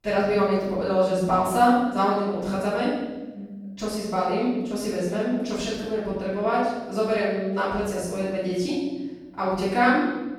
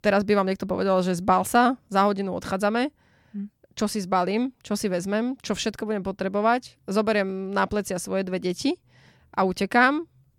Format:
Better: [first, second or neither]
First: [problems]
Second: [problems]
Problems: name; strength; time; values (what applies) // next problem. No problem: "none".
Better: second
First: off-mic speech; far // room echo; strong; dies away in 1.1 s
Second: none